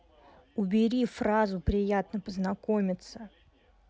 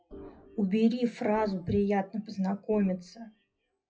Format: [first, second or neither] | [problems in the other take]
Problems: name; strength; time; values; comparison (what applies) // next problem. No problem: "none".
first | noise reduction (classical method WPE with log-MMSE)